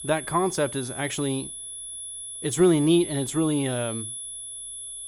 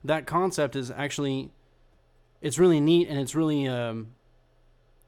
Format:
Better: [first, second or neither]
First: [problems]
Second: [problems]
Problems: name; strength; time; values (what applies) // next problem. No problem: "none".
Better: second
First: high-pitched whine; loud; throughout; 10.5 kHz, 9 dB below the speech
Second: none